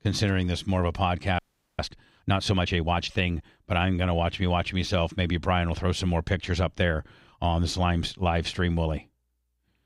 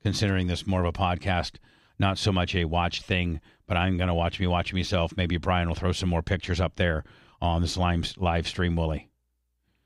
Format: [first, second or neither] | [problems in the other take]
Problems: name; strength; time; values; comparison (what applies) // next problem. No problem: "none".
second | audio freezing; at 1.5 s